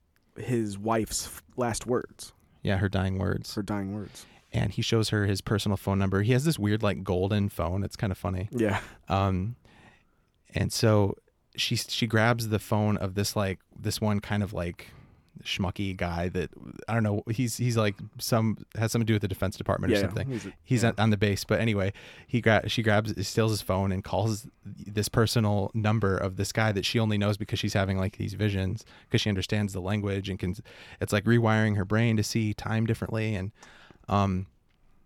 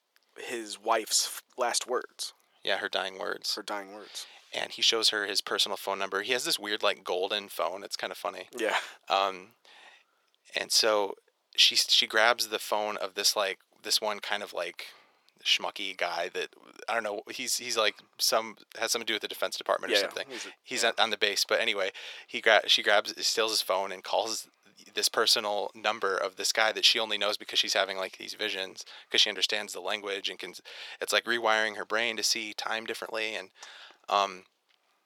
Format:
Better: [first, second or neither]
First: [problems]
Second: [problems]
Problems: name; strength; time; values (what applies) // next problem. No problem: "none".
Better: first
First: none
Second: thin; very; fading below 500 Hz